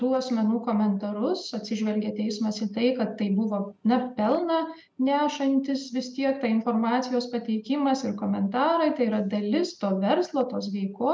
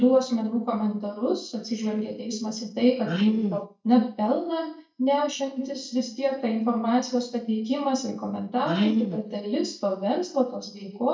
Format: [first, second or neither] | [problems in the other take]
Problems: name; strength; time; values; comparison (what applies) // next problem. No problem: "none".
first | noise reduction (neural mask model DeepFilterNet 3)